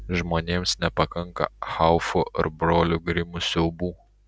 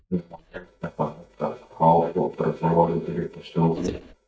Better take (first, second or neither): first